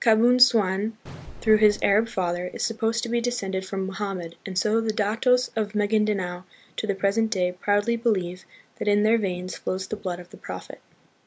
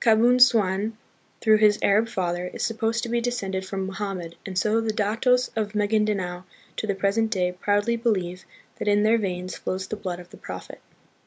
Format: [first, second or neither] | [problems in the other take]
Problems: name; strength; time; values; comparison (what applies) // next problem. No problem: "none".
second | background sound (Explosion); 19 dB below the speech